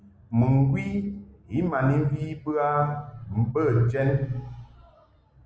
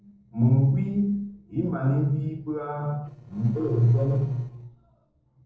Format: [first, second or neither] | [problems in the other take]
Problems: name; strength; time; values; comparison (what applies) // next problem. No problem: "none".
first | noise reduction (neural separator model SepFormer DNS4)